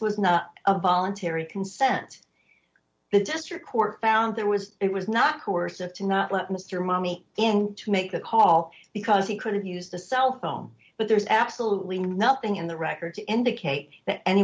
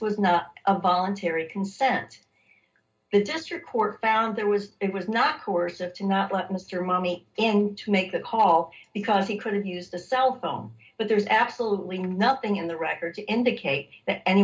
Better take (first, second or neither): first